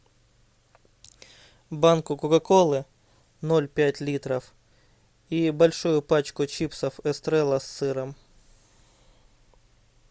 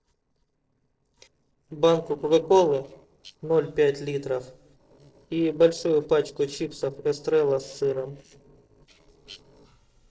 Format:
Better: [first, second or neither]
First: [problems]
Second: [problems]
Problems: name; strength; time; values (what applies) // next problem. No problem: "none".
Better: first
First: none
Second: noise reduction (neural separator model SepFormer DNS4)